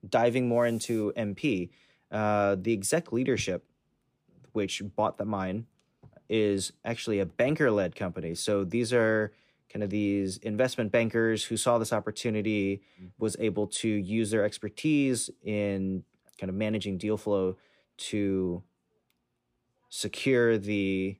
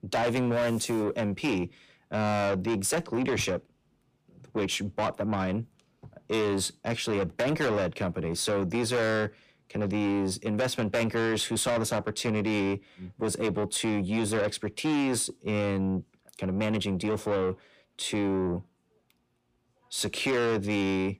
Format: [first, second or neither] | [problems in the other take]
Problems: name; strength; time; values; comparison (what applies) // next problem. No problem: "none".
first | distortion; heavy; 7 dB below the speech